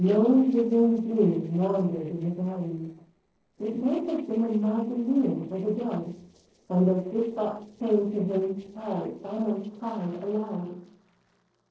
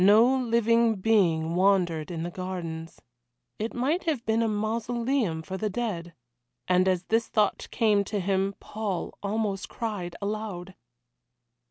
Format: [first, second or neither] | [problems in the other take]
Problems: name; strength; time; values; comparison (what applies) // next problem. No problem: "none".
second | noise reduction (neural separator model SepFormer DNS4)